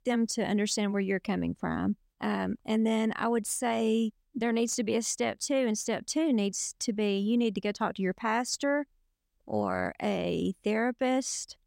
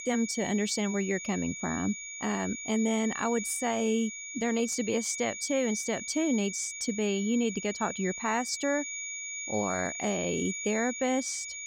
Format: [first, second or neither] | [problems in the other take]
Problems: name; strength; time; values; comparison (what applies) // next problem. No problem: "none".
first | high-pitched whine; loud; throughout; 6.5 kHz, 6 dB below the speech